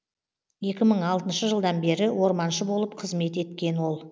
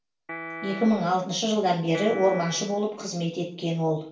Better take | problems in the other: first | background sound (Piano); 12 dB below the speech // room echo; dies away in 0.4 s

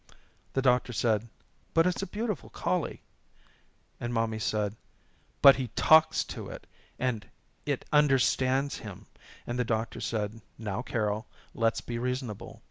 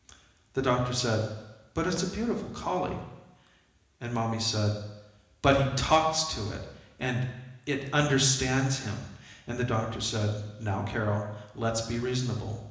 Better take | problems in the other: first | room echo; dies away in 1 s

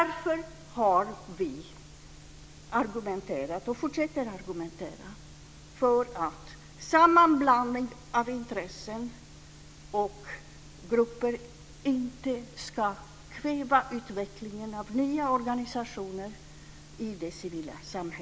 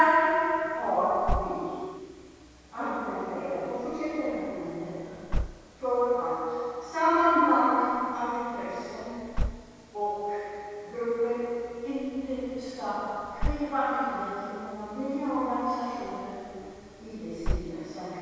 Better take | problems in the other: first | background sound (Slam / Car); 9 dB below the speech // room echo; dies away in 2.2 s

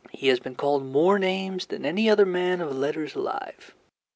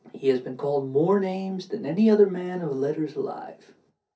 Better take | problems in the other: first | room echo; dies away in 0.3 s

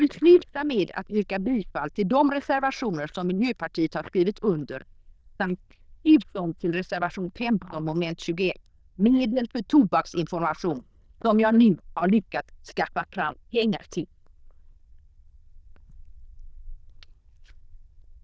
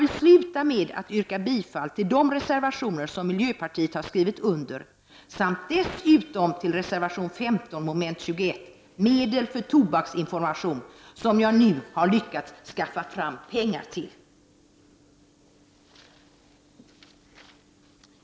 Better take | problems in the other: second | noise reduction (neural diffusion model UNIVERSE++)

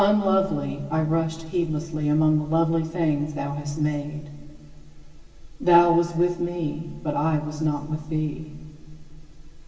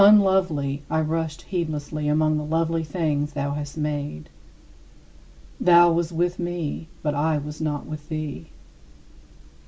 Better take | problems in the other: second | room echo; dies away in 2.9 s

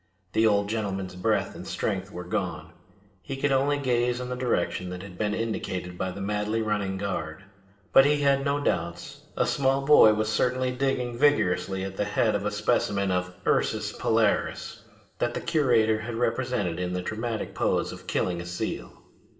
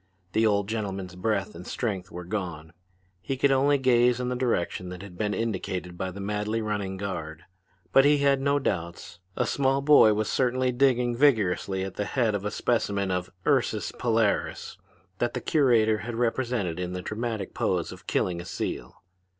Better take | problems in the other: second | room echo; dies away in 2 s

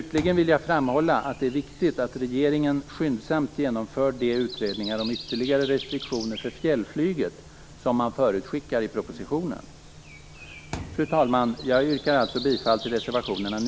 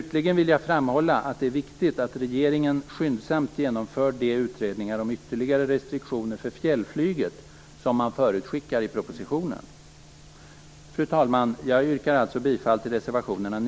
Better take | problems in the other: second | background sound (Breathing + Thump, thud); 15 dB below the speech

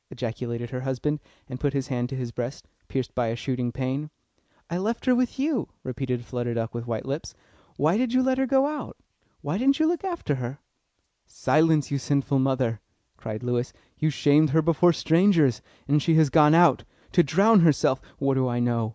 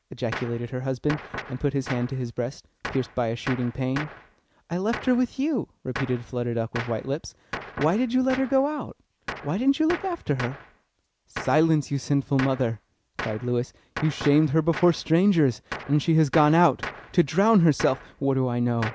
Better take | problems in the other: first | background sound (Gunshot, gunfire); 14 dB below the speech

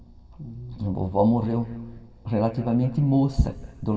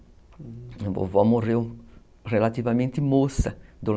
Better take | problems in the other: second | room echo; dies away in 2 s

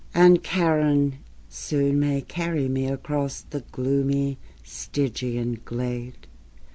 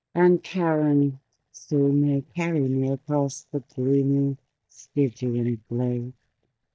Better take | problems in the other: first | noise reduction (neural mask model DeepFilterNet 3)

